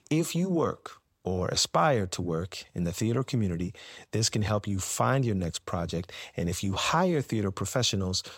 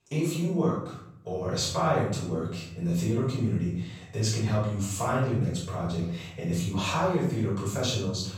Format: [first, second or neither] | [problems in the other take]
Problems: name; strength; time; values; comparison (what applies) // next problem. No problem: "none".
first | room echo; noticeable; dies away in 0.7 s // off-mic speech; far